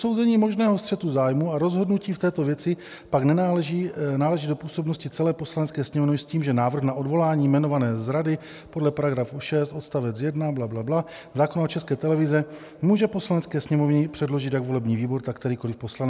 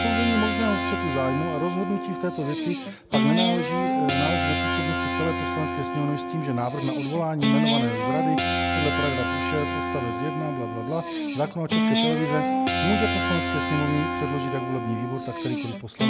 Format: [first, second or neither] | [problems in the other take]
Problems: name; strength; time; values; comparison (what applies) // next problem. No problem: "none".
first | background sound (Guitar); 2 dB above the speech